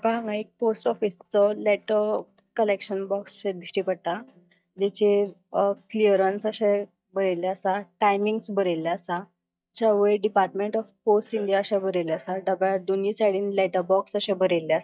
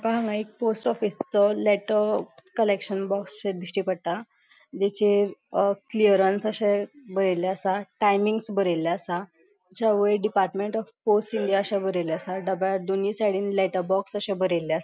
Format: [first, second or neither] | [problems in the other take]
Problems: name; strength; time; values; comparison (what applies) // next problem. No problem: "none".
second | noise reduction (neural mask model DeepFilterNet 3)